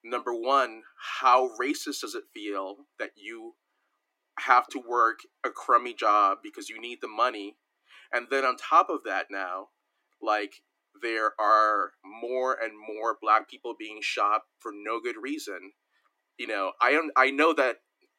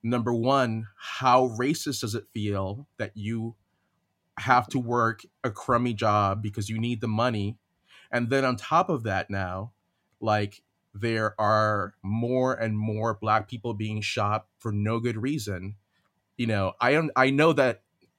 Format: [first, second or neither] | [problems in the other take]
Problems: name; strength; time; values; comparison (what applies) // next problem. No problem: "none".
second | thin; very; fading below 300 Hz